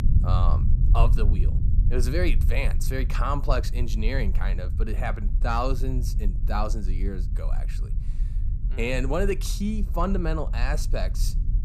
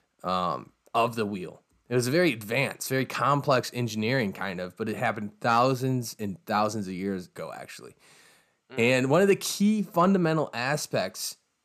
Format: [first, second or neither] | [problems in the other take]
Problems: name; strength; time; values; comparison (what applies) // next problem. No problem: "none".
second | low rumble; noticeable; throughout; 15 dB below the speech